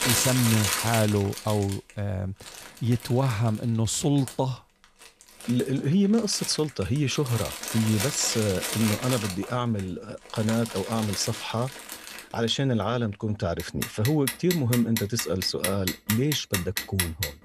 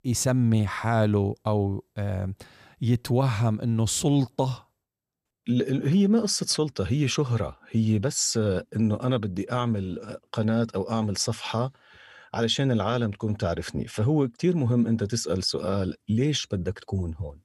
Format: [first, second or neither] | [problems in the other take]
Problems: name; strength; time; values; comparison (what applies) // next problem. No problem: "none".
second | household noises; loud; throughout; 5 dB below the speech